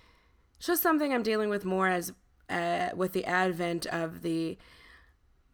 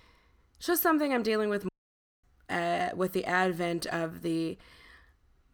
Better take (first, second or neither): first